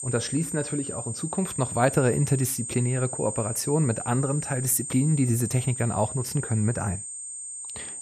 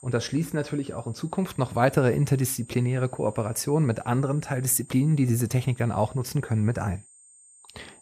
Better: second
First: high-pitched whine; loud; throughout; 8.5 kHz, 6 dB below the speech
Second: high-pitched whine; faint; throughout; 8.5 kHz, 25 dB below the speech

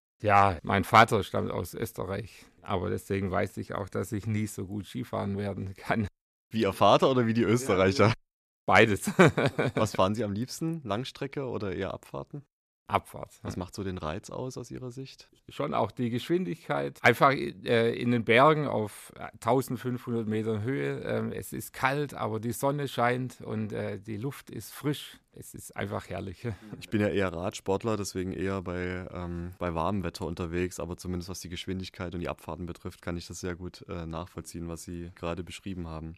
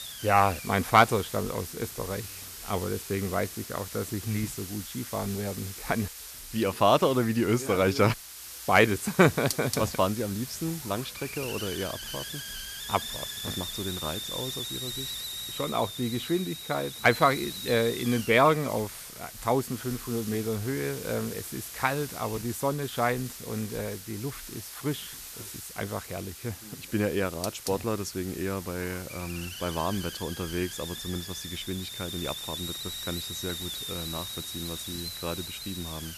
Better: first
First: none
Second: hiss; loud; throughout; 8 dB below the speech

